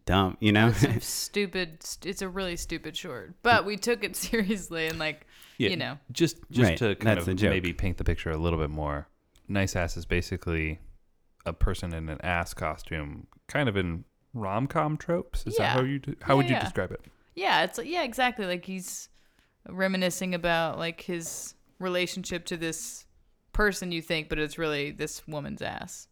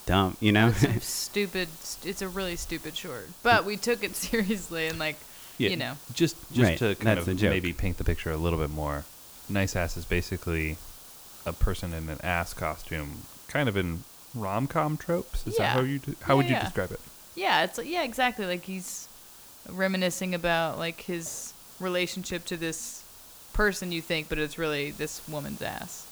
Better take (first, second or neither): first